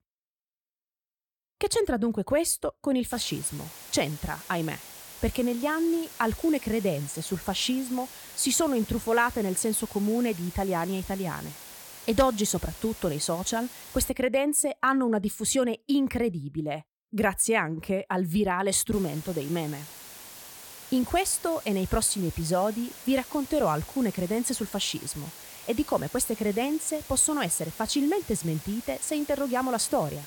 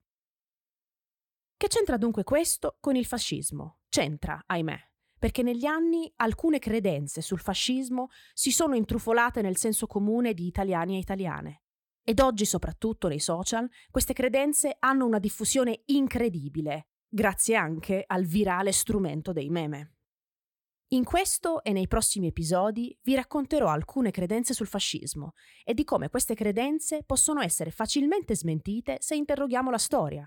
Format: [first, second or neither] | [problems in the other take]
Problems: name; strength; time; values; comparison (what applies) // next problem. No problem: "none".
second | hiss; noticeable; from 3 to 14 s and from 19 s on; 15 dB below the speech